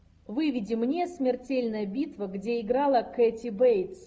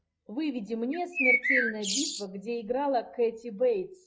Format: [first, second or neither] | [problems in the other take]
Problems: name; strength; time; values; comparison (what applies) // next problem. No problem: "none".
first | noise reduction (classical method log-MMSE)